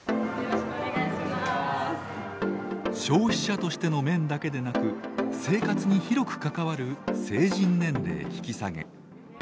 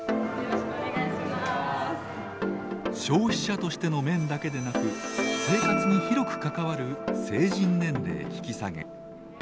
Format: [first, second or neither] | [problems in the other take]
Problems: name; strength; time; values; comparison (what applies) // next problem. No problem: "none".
first | background sound (Bowed string instrument); 8 dB below the speech